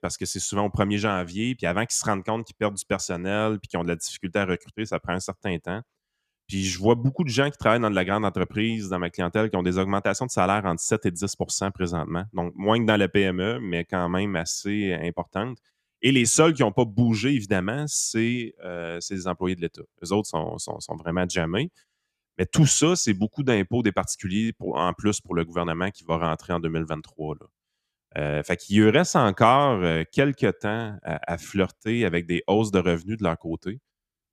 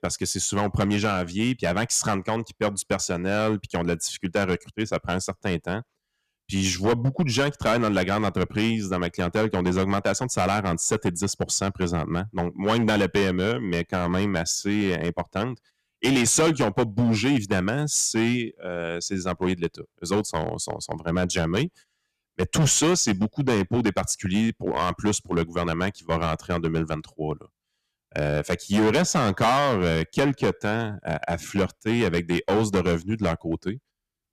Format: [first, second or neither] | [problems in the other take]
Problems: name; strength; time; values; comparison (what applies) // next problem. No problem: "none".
first | distortion; heavy; 7% of the sound clipped